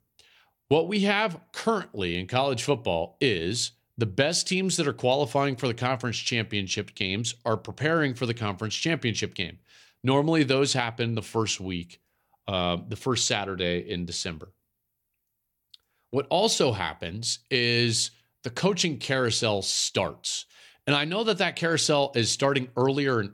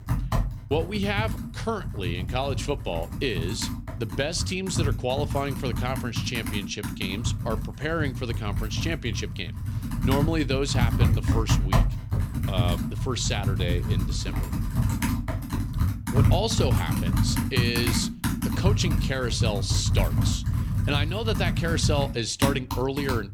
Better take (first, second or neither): first